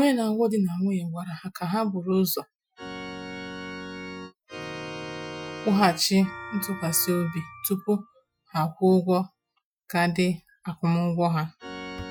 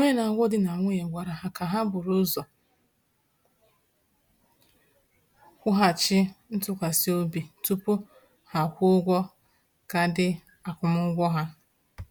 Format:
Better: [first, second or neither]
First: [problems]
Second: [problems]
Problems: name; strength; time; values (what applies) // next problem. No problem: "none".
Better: second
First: noise reduction (classical method Wiener filter)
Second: none